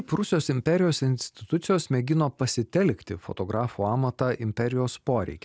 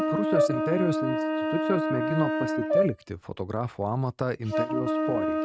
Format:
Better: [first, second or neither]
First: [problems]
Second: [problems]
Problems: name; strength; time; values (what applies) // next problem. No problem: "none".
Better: first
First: none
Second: noise reduction (neural mask model RNNoise)